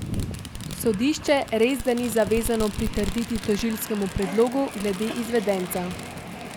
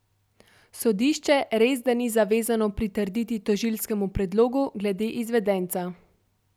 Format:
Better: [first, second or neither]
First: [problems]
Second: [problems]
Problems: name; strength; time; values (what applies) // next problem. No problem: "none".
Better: second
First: background sound (Train + Fireworks); 8 dB below the speech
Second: none